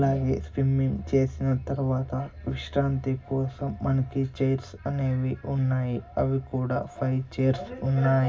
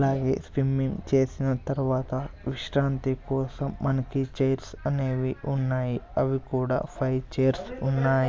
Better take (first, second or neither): second